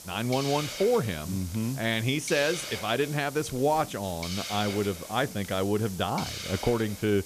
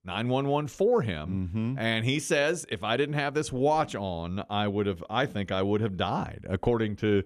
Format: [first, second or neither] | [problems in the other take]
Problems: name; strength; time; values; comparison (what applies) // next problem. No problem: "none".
second | hiss; loud; throughout; 9 dB below the speech